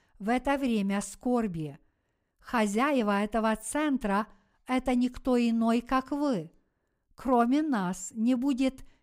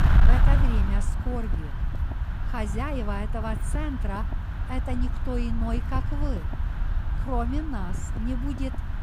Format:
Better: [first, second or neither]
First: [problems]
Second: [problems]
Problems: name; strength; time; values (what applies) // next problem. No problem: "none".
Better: first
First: none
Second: wind noise on the microphone; heavy; 4 dB below the speech